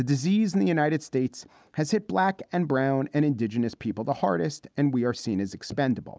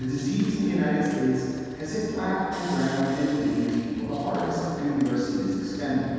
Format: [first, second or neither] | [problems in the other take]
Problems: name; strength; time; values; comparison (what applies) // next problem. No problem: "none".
first | background sound (Sawing); 18 dB below the speech // room echo; dies away in 2.1 s